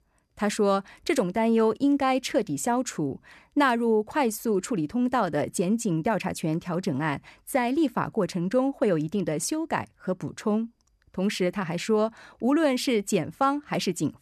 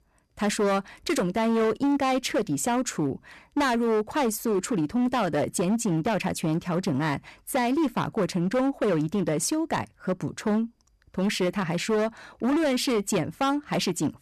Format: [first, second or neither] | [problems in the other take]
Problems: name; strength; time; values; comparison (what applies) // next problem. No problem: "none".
first | distortion; slight; 15% of the sound clipped